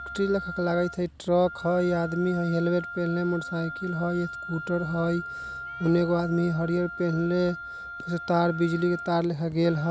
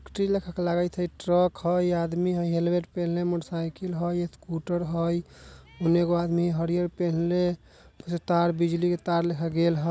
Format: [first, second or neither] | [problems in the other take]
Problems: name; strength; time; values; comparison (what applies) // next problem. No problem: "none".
second | background sound (Wind instrument, woodwind instrument); 11 dB below the speech